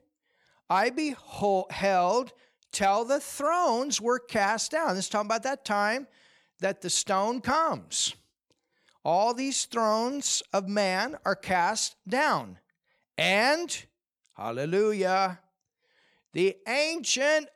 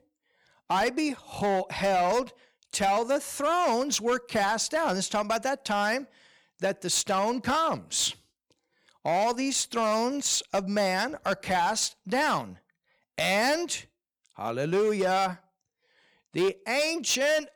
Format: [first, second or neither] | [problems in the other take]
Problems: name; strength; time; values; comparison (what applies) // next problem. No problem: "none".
first | distortion; slight; 8% of the sound clipped